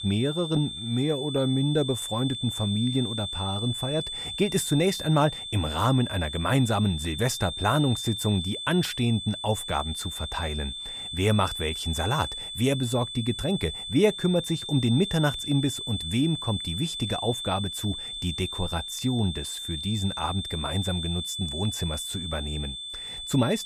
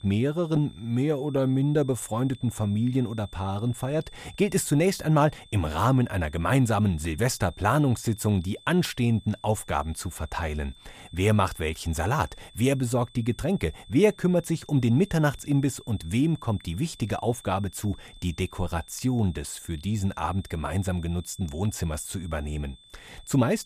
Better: second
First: high-pitched whine; loud; throughout; 3.5 kHz, 5 dB below the speech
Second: high-pitched whine; faint; throughout; 3.5 kHz, 25 dB below the speech

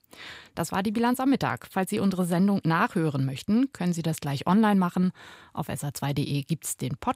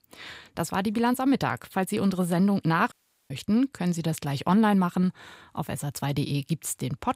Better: first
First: none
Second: audio cutting out; at 3 s

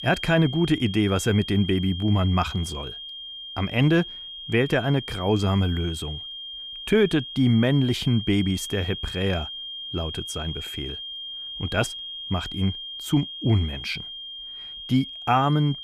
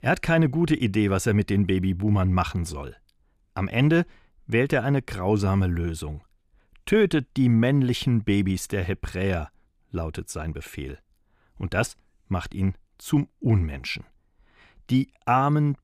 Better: second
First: high-pitched whine; loud; throughout; 3 kHz, 9 dB below the speech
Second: none

